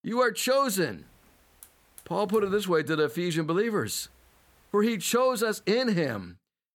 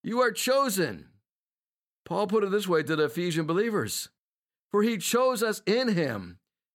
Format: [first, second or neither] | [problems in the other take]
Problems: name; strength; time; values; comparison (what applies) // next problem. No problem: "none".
second | hiss; faint; from 1 to 2.5 s and from 4 to 5.5 s; 30 dB below the speech